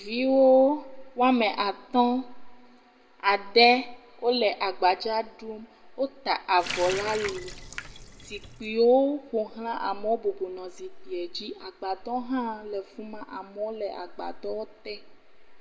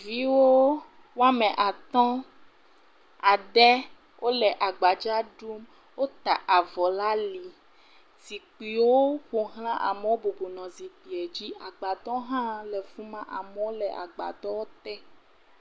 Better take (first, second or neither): second